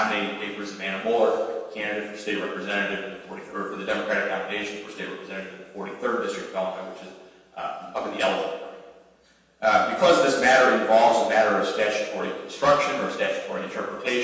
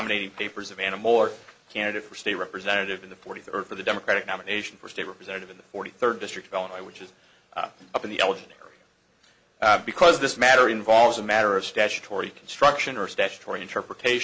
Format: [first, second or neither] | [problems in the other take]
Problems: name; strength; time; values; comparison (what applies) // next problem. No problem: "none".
second | room echo; dies away in 1.2 s